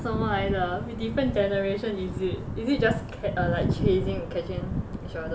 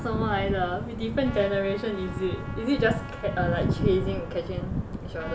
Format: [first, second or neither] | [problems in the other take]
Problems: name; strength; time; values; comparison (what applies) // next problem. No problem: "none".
first | background sound (Trumpet); 18 dB below the speech